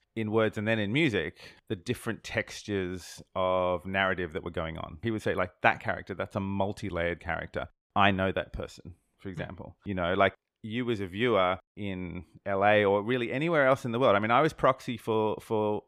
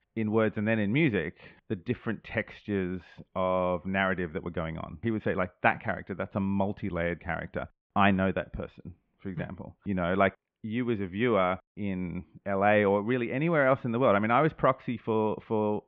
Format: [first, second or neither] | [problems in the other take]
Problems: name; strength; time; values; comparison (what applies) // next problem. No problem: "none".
first | muffled; very; fading above 3 kHz